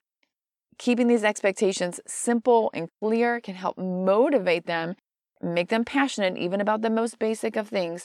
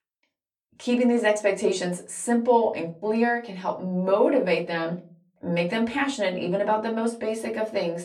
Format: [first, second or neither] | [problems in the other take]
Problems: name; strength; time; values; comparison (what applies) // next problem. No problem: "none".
first | off-mic speech; far // room echo; very slight; dies away in 0.4 s